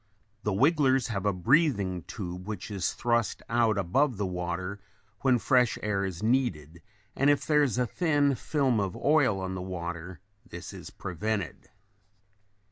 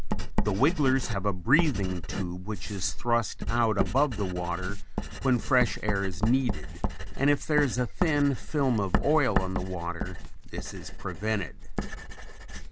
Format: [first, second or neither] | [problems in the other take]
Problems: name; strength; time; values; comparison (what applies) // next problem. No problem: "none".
first | background sound (Writing); 1 dB below the speech